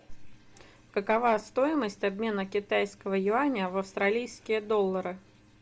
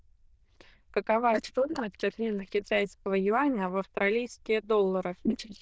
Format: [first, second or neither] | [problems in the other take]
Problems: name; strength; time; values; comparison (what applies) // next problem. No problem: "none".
first | noise reduction (neural diffusion model UNIVERSE++)